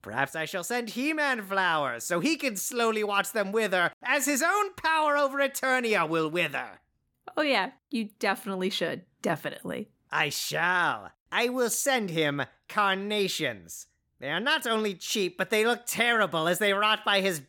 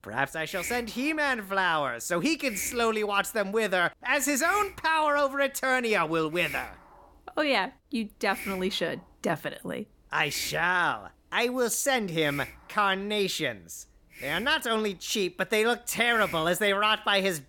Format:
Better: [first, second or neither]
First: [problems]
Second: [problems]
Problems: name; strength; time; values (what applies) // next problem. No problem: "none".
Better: first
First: none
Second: hiss; noticeable; throughout; 15 dB below the speech